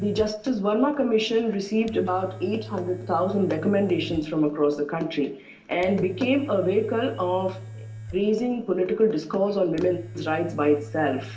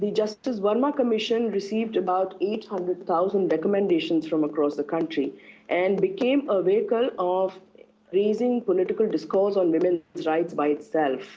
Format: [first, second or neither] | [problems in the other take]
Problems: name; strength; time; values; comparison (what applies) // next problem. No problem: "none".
second | background sound (Domestic sounds, home sounds); 16 dB below the speech // room echo; dies away in 0.6 s